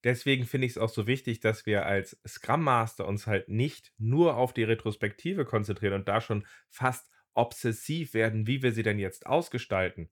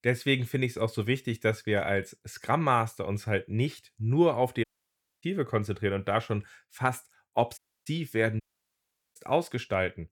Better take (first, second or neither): first